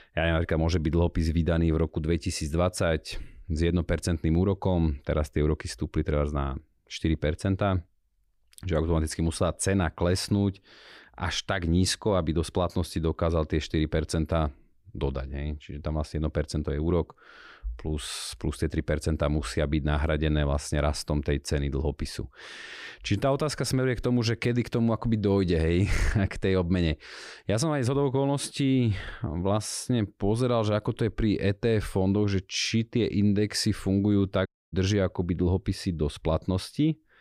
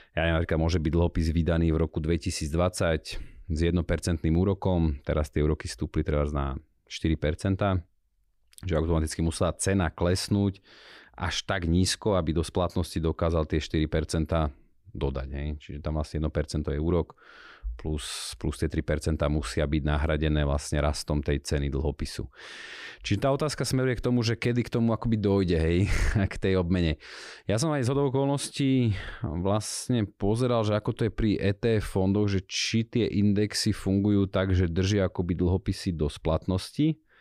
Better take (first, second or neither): second